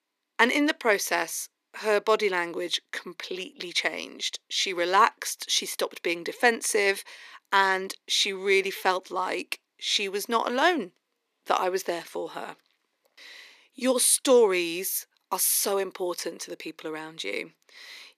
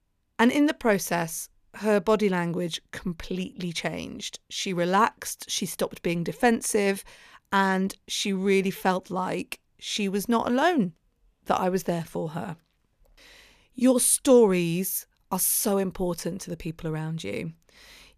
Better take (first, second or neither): second